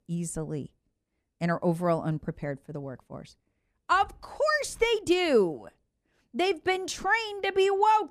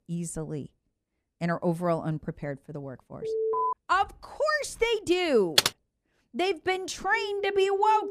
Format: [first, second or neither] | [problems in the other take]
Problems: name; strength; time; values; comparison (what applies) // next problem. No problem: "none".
first | alarm; loud; at 3 s; peak level with the speech // keyboard typing; loud; at 5.5 s; peak 5 dB above the speech // phone ringing; noticeable; at 7 s; peak 6 dB below the speech